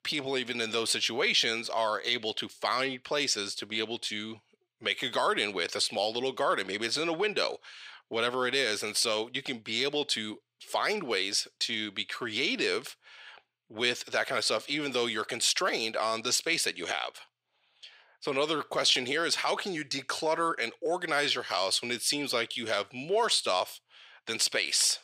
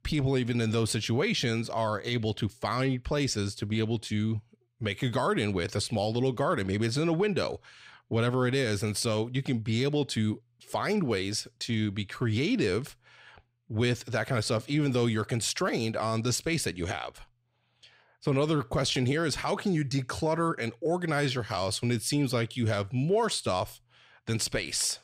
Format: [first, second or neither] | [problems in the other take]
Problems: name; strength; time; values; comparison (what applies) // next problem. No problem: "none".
second | thin; somewhat; fading below 450 Hz